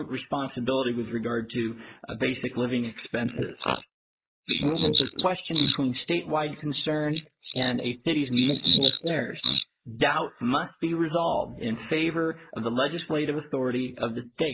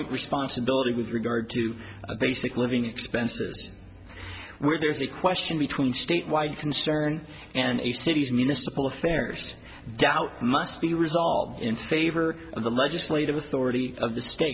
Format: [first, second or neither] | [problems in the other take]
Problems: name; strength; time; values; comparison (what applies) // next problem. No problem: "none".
second | noise reduction (neural mask model Resemble Enhance denoiser)